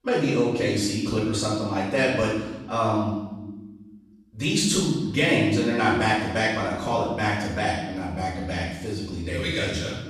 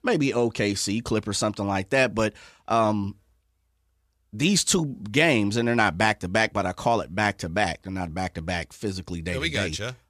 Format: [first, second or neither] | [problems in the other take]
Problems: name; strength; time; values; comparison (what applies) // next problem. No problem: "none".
second | off-mic speech; far // room echo; noticeable; dies away in 1.1 s